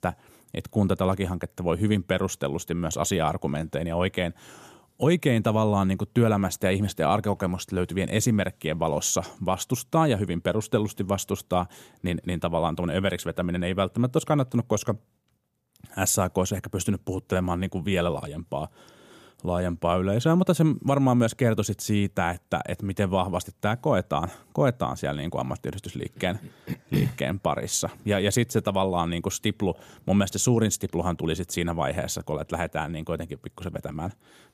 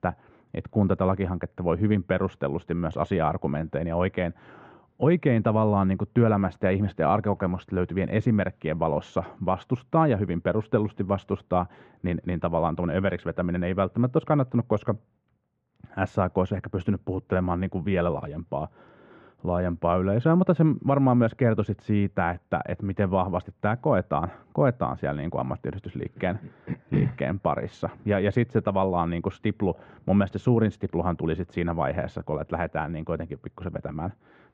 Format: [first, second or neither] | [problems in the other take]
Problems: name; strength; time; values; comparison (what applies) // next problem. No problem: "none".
first | muffled; very; fading above 2 kHz